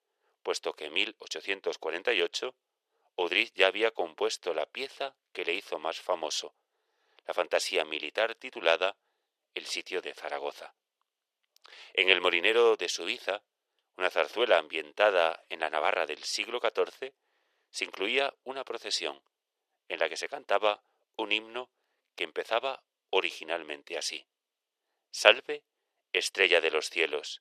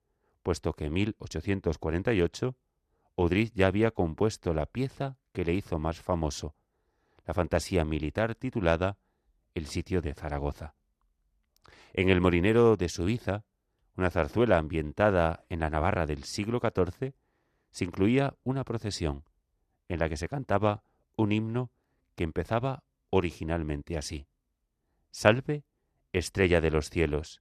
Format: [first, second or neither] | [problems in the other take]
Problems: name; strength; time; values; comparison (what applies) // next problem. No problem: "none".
second | thin; very; fading below 450 Hz